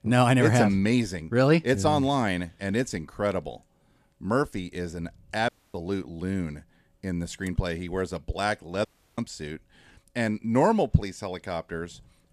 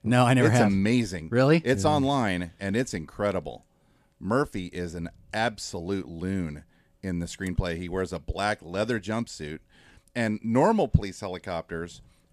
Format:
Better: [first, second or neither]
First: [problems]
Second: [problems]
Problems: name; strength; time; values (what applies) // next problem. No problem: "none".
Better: second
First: audio cutting out; at 5.5 s and at 9 s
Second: none